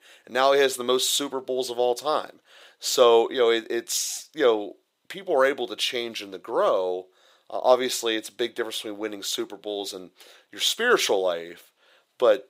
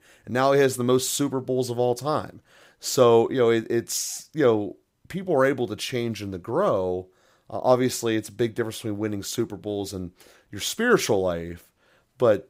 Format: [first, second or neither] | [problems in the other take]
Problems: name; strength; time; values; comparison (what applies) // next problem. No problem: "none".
second | thin; somewhat; fading below 500 Hz